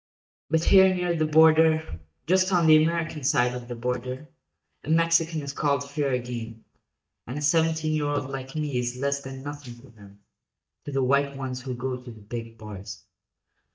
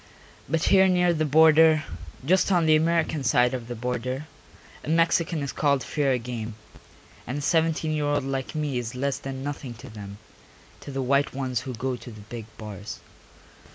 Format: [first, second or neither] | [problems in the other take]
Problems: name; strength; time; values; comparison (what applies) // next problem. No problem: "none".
second | noise reduction (neural mask model DeepFilterNet 3)